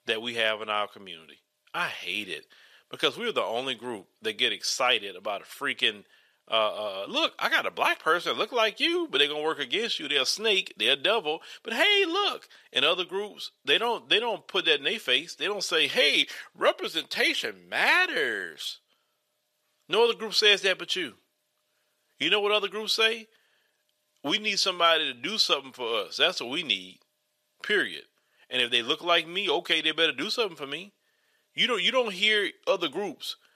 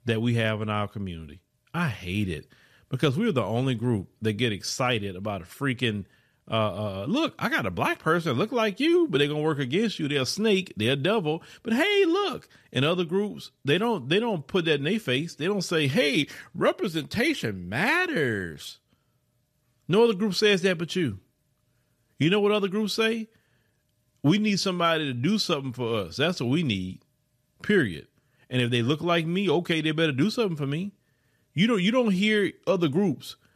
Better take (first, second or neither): second